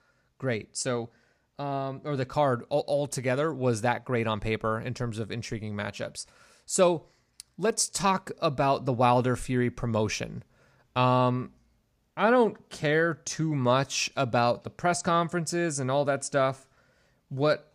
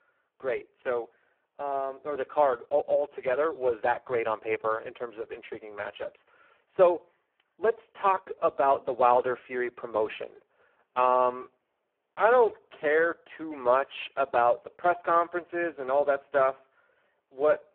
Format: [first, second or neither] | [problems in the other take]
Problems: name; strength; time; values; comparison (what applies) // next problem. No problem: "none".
first | phone-call audio; poor line